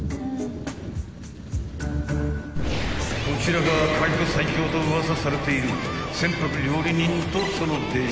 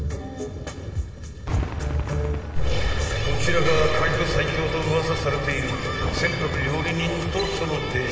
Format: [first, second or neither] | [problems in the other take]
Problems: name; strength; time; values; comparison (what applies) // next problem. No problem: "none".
first | background sound (Cheering / Fireworks); 14 dB below the speech // room echo; dies away in 2.6 s